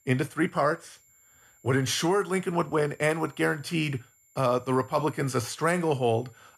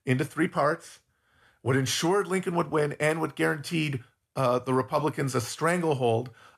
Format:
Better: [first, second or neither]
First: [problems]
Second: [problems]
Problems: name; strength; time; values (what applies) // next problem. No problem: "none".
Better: second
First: high-pitched whine; faint; throughout; 7.5 kHz, 30 dB below the speech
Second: none